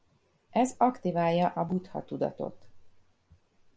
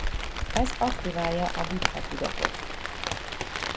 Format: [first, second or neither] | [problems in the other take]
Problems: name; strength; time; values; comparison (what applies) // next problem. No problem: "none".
first | background sound (Rain); 2 dB above the speech